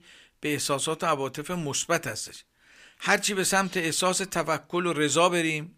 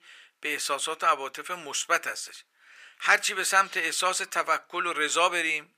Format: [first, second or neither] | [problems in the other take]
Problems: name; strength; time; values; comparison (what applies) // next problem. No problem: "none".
first | thin; very; fading below 500 Hz